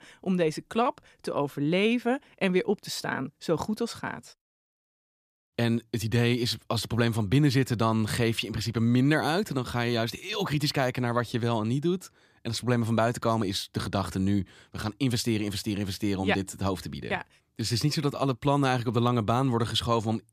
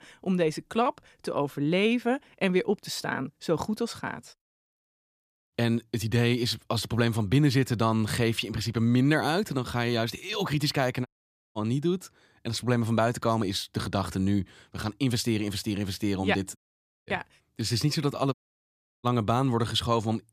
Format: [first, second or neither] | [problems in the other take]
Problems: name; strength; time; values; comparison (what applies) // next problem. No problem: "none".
first | audio cutting out; at 11 s, at 17 s for 0.5 s and at 18 s for 0.5 s